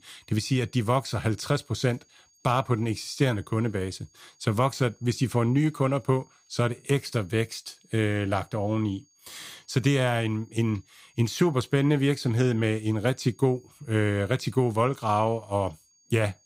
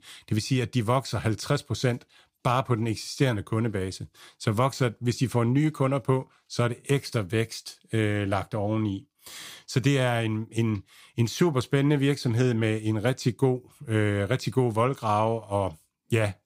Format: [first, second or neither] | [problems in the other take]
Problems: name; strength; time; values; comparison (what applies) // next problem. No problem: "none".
second | high-pitched whine; faint; throughout; 6.5 kHz, 35 dB below the speech